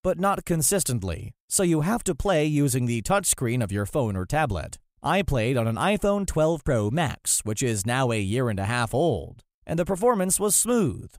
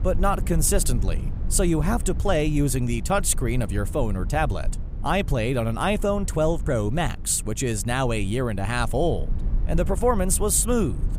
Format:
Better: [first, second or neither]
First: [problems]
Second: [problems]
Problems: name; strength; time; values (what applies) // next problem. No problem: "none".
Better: first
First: none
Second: low rumble; faint; throughout; 20 dB below the speech